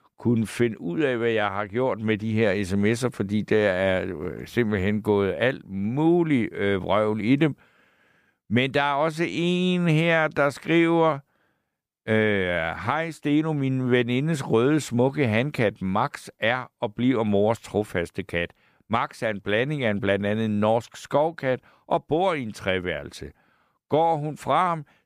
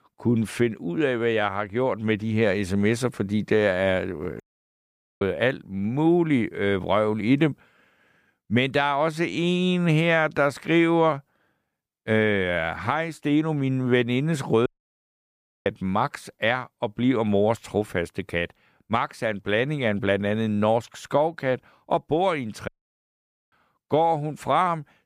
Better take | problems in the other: first | audio cutting out; at 4.5 s for 1 s, at 15 s for 1 s and at 23 s for 1 s

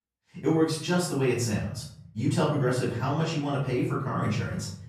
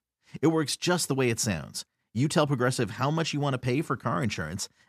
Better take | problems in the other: second | off-mic speech; far // room echo; noticeable; dies away in 0.8 s

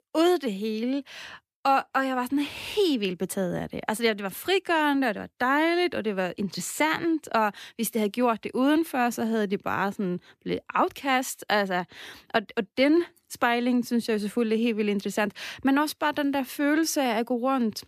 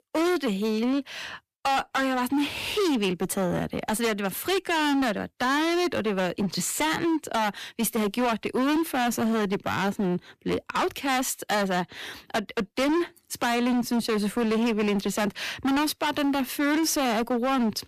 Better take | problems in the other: first | distortion; heavy; 23% of the sound clipped

